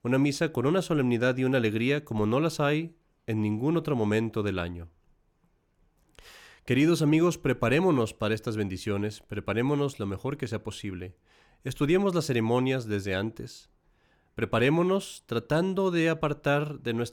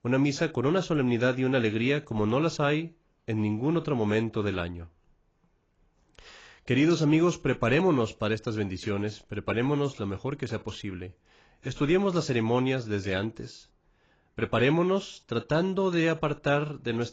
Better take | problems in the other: first | garbled, watery; badly; nothing above 7.5 kHz

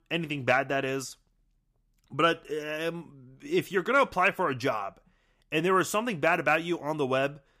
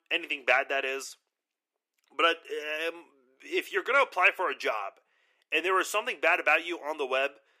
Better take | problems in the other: first | thin; very; fading below 350 Hz

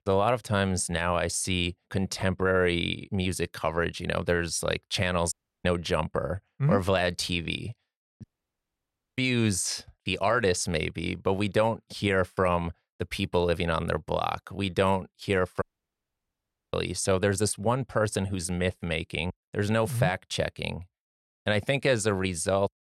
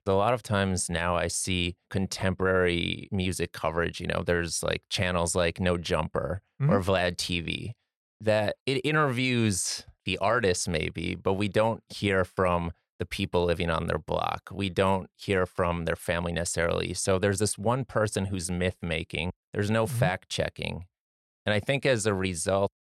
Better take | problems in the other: second | audio cutting out; at 5.5 s, at 8 s for 1 s and at 16 s for 1 s

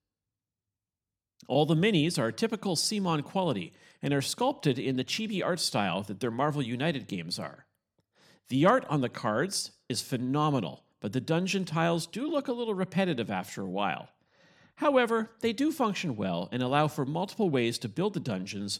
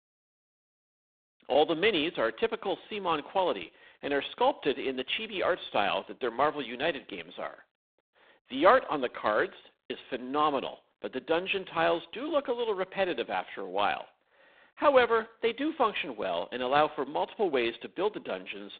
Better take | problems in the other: first | phone-call audio; poor line; nothing above 3.5 kHz

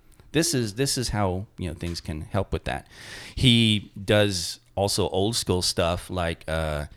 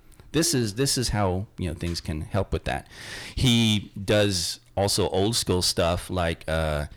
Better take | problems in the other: first | distortion; slight; 10 dB below the speech

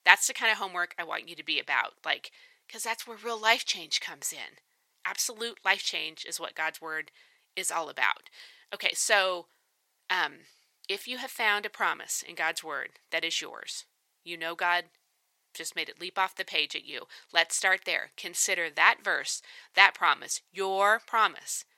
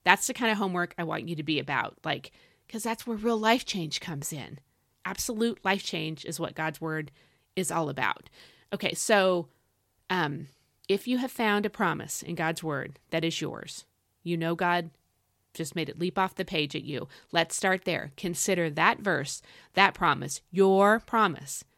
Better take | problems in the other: second | thin; very; fading below 700 Hz

